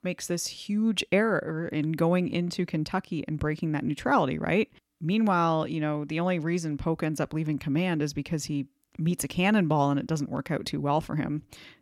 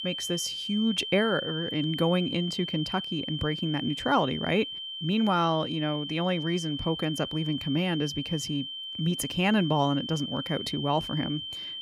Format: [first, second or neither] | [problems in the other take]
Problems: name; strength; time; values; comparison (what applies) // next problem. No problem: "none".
first | high-pitched whine; loud; throughout; 3 kHz, 6 dB below the speech